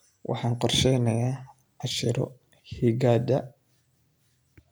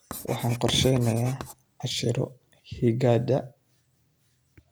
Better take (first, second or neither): first